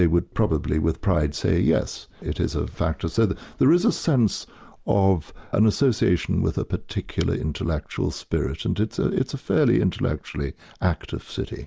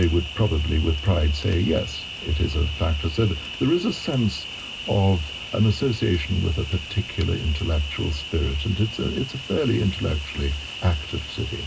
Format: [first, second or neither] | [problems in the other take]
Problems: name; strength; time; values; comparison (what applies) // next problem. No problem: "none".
first | background sound (Cricket); 11 dB below the speech // room echo; dies away in 0.2 s